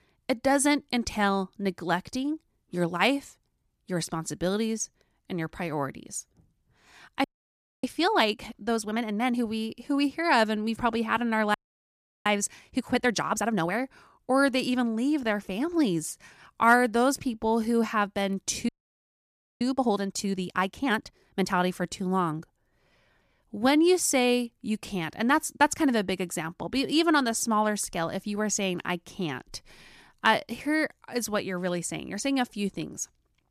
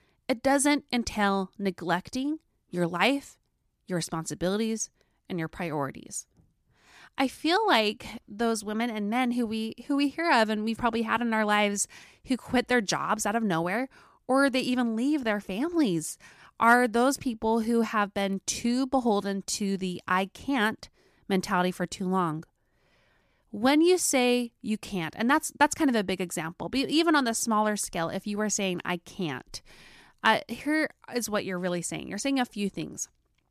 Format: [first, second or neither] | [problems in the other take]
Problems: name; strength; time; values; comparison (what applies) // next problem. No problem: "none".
second | audio freezing; at 7 s for 0.5 s, at 12 s for 0.5 s and at 19 s for 1 s